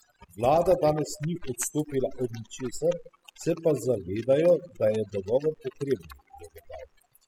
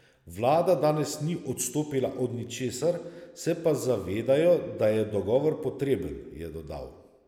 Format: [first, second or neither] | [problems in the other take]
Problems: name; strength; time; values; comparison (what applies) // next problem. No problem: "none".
second | noise reduction (classical method spectral subtraction)